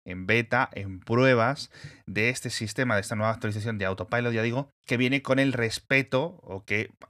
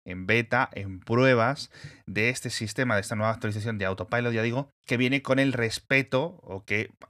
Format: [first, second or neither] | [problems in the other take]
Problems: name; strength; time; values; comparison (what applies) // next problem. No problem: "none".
neither | none